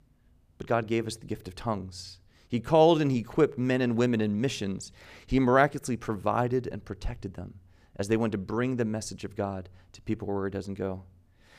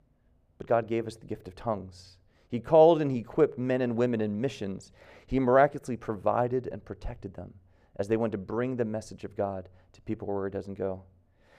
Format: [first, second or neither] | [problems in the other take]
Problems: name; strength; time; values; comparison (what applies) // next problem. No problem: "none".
first | muffled; slightly; fading above 3 kHz